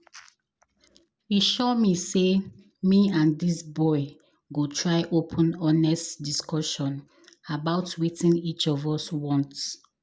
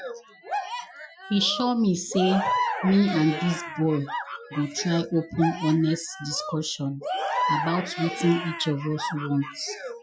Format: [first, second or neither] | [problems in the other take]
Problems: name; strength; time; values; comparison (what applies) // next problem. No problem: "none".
first | noise reduction (classical method Wiener filter)